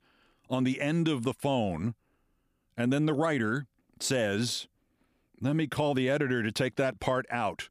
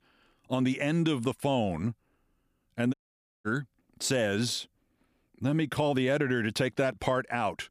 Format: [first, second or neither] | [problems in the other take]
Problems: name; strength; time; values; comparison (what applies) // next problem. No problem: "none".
first | audio cutting out; at 3 s for 0.5 s